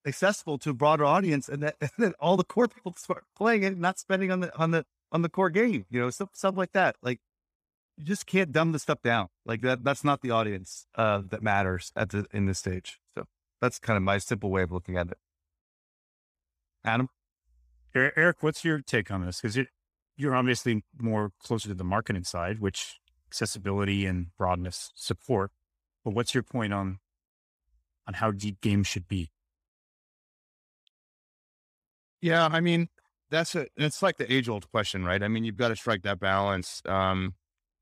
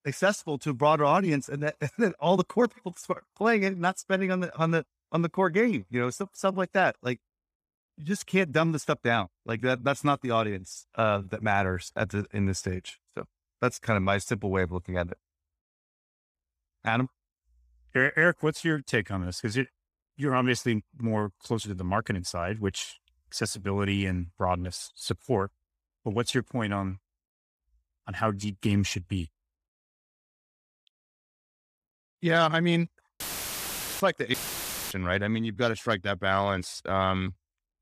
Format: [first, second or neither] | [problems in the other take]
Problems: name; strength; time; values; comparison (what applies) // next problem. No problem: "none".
first | audio cutting out; filled with static; at 33 s for 1 s and at 34 s for 0.5 s